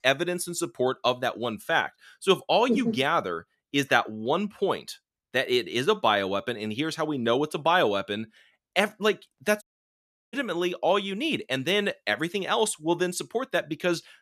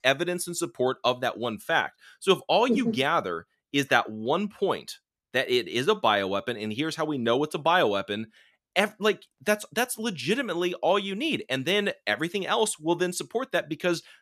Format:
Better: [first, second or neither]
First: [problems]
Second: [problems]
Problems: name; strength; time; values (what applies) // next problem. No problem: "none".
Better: second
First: audio cutting out; at 9.5 s for 0.5 s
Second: none